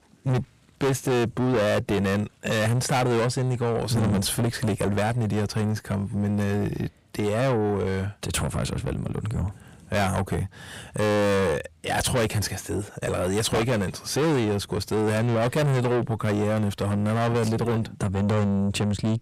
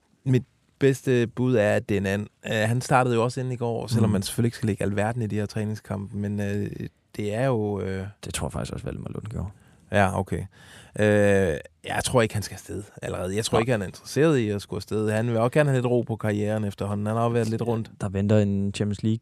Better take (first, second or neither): second